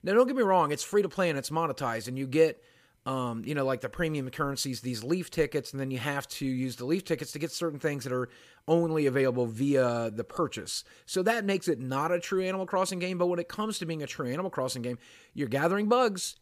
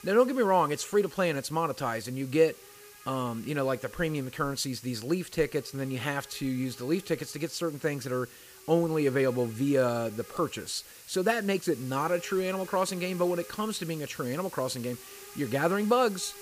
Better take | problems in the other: first | hiss; noticeable; throughout; 20 dB below the speech

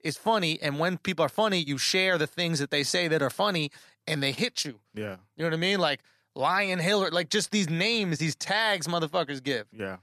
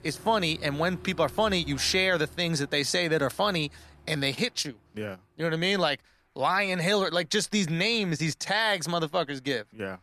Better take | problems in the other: first | traffic noise; faint; throughout; 20 dB below the speech

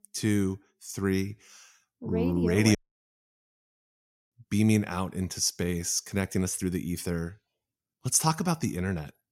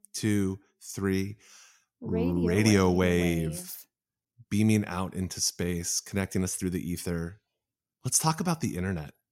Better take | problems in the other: second | audio cutting out; at 3 s for 1.5 s

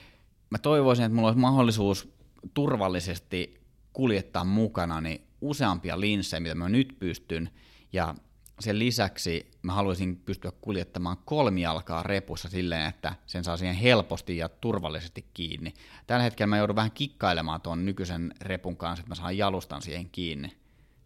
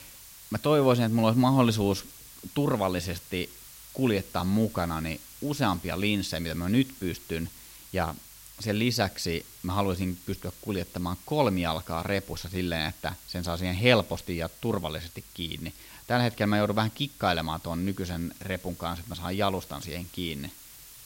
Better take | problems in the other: first | hiss; noticeable; throughout; 15 dB below the speech

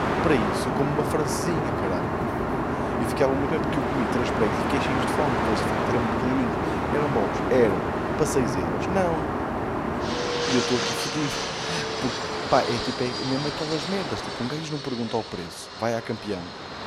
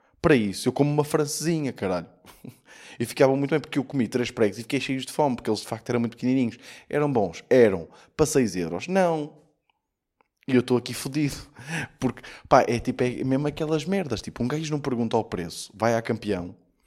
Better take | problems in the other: second | train or aircraft noise; very loud; throughout; 2 dB above the speech

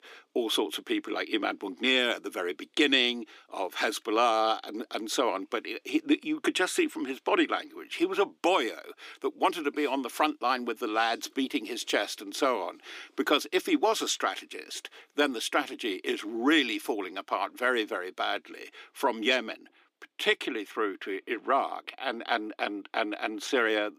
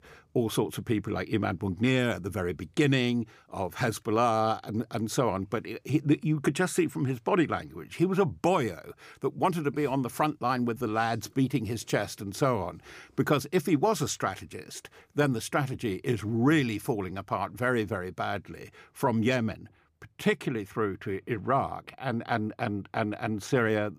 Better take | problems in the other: second | thin; somewhat; fading below 300 Hz

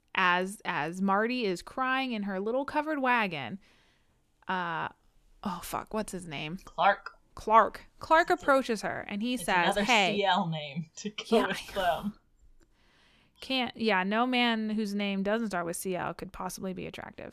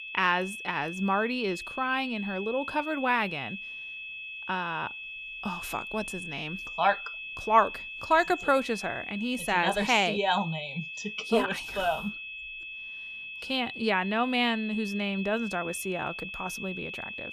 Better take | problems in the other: first | high-pitched whine; loud; throughout; 2.5 kHz, 8 dB below the speech

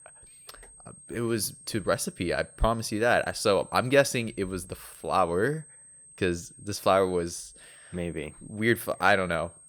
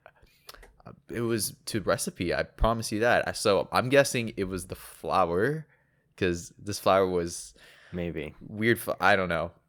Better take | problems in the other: second | high-pitched whine; faint; throughout; 8.5 kHz, 20 dB below the speech

